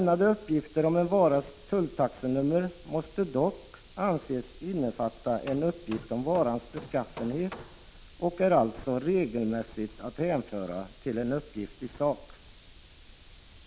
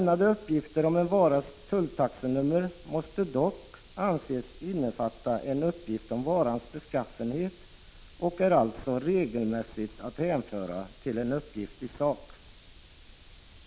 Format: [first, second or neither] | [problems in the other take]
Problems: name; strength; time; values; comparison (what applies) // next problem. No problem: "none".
second | background sound (Hammer); 17 dB below the speech